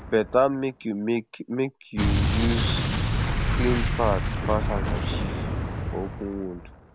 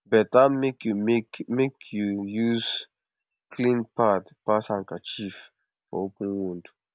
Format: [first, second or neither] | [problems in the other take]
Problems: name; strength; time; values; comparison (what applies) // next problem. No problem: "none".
second | background sound (Explosion); 1 dB above the speech